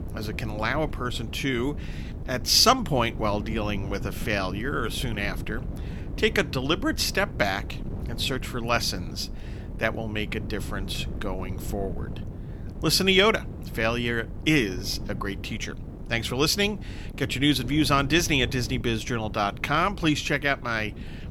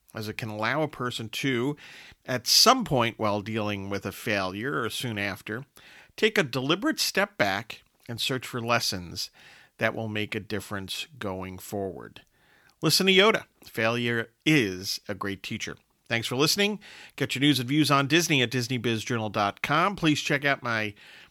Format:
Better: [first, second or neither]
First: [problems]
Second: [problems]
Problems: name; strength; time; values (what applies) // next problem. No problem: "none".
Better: second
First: wind noise on the microphone; occasional gusts; 20 dB below the speech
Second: none